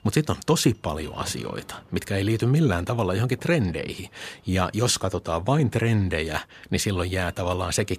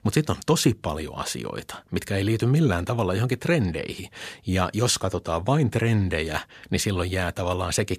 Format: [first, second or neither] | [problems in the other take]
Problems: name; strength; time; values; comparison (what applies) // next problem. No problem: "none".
second | wind noise on the microphone; occasional gusts; 25 dB below the speech